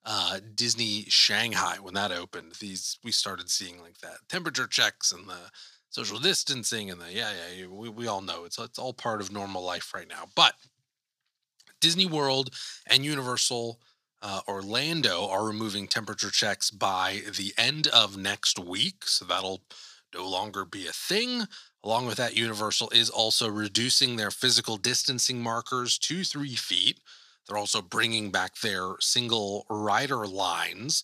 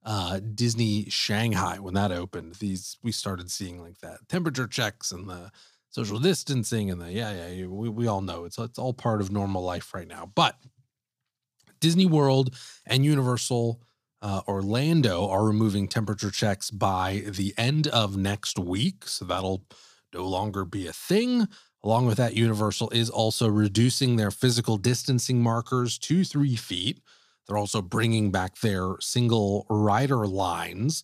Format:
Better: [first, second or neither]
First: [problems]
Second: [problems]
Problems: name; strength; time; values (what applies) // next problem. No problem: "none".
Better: second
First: thin; somewhat; fading below 1 kHz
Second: none